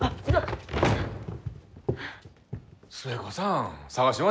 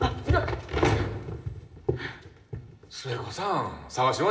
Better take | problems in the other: first | room echo; dies away in 0.9 s

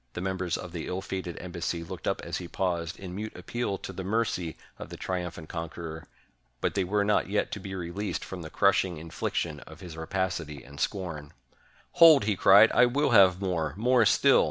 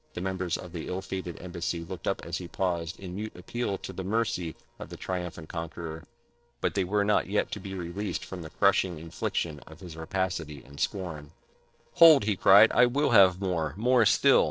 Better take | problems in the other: first | noise reduction (neural separator model SepFormer DNS4)

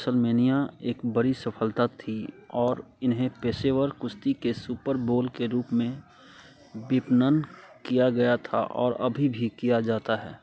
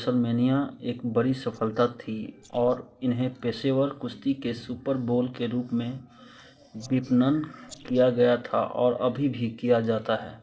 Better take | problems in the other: first | noise reduction (neural separator model SepFormer DNS4)

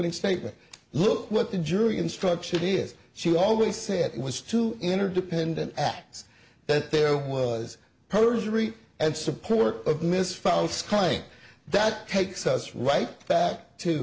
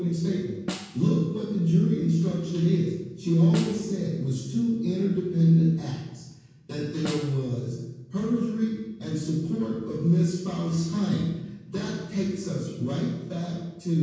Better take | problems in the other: first | background sound (Snare drum); 15 dB below the speech // room echo; dies away in 1.2 s

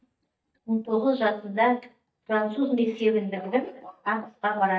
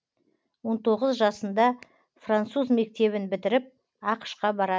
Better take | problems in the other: second | noise reduction (neural mask model DeepFilterNet 3)

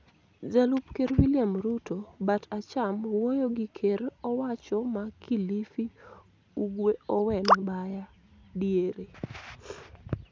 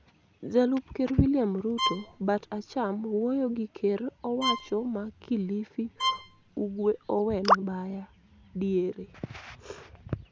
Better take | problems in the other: first | background sound (Bowed string instrument); 5 dB below the speech

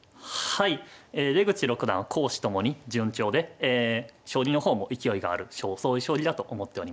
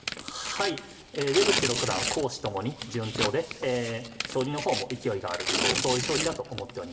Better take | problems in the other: first | background sound (Tearing); 2 dB below the speech // room echo; dies away in 2.4 s

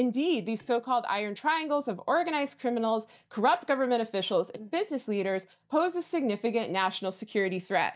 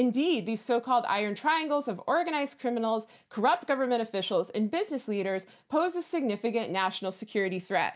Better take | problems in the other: second | noise reduction (neural mask model DeepFilterNet 3)

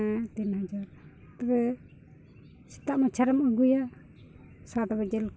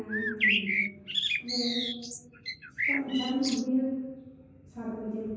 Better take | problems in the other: first | background sound (Bird); 2 dB above the speech // room echo; dies away in 1.2 s

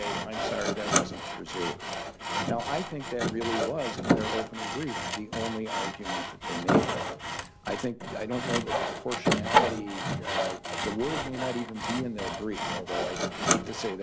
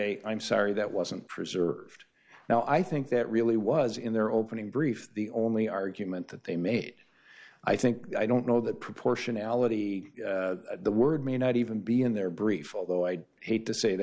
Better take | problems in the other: second | background sound (Sawing); 4 dB above the speech

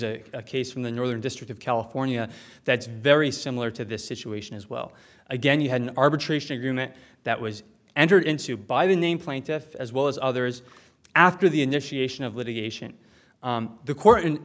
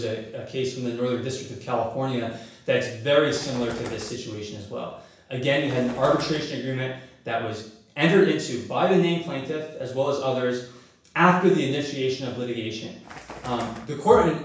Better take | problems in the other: first | background sound (Bird); 15 dB below the speech // room echo; dies away in 0.7 s

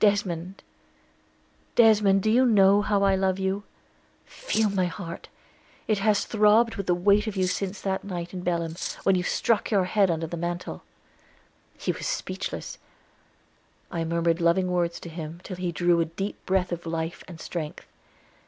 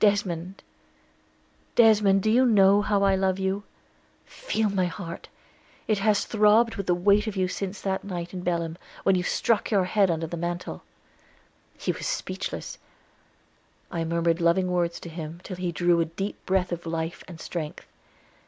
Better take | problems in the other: second | background sound (Cutlery, silverware); 12 dB below the speech

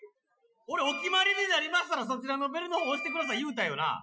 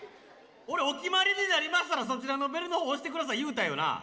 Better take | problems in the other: second | noise reduction (classical method Wiener filter)

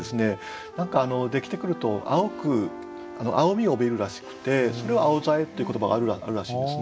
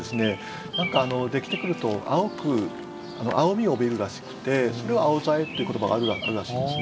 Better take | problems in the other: first | background sound (Bird vocalization, bird call, bird song); 11 dB below the speech

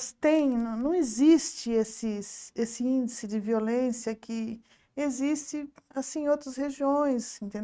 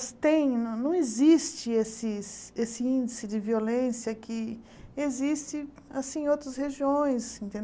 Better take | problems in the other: second | noise reduction (neural mask model RNNoise)

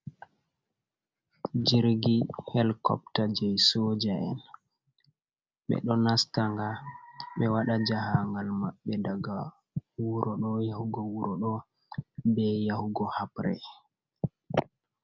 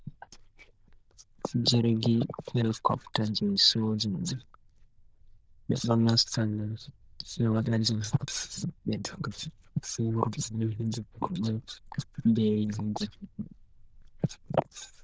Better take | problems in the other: first | noise reduction (neural diffusion model UNIVERSE++)

